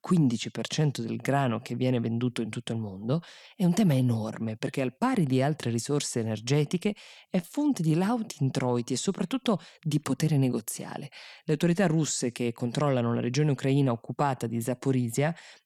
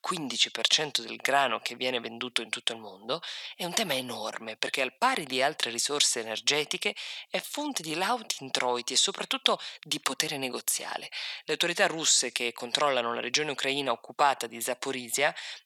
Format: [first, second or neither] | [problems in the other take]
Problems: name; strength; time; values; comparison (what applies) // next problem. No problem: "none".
first | thin; very; fading below 750 Hz